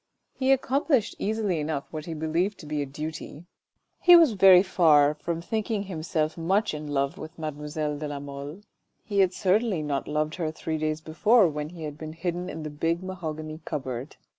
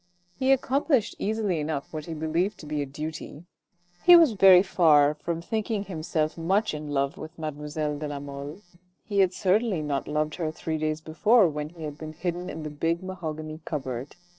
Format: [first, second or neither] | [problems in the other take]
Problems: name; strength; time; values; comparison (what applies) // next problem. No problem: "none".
first | noise reduction (neural separator model SepFormer DNS4)